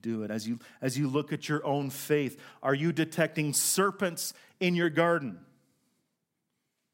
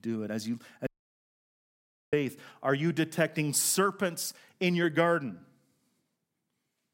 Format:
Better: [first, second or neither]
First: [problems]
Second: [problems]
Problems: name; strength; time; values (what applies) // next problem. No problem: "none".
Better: first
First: none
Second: audio cutting out; at 1 s for 1.5 s